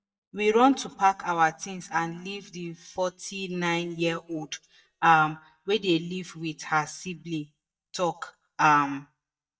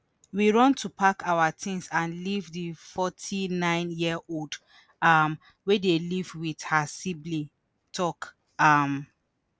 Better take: second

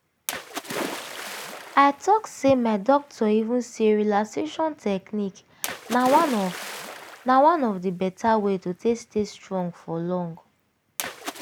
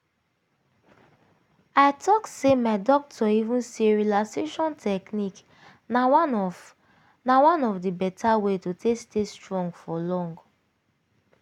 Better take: second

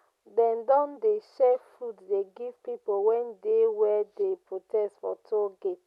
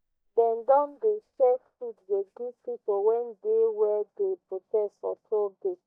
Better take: first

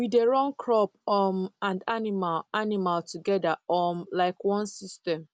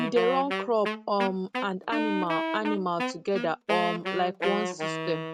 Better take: first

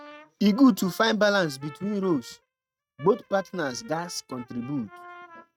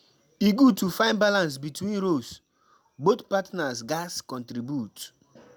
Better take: second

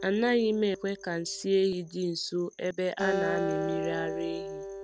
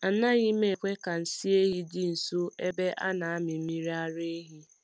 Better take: second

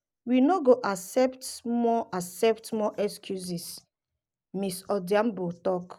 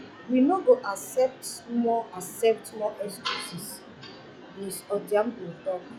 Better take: first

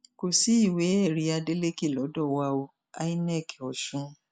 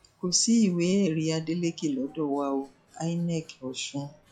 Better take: first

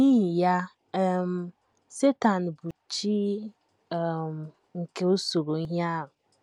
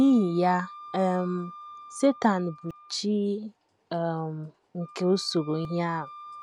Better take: first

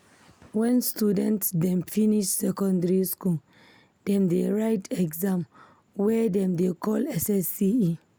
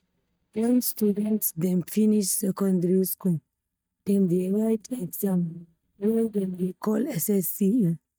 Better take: first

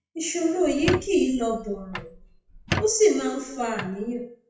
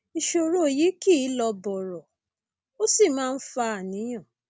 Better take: second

